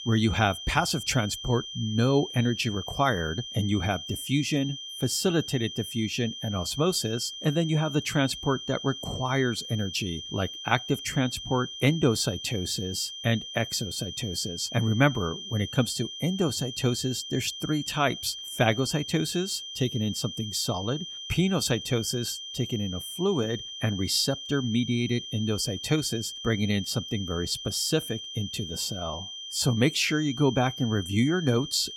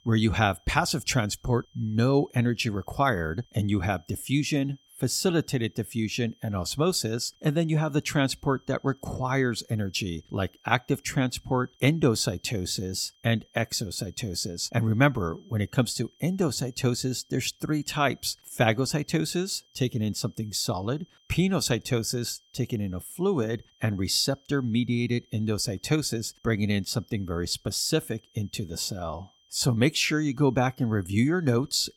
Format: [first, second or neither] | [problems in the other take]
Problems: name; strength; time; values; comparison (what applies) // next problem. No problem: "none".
second | high-pitched whine; loud; throughout; 3 kHz, 9 dB below the speech; faint in the second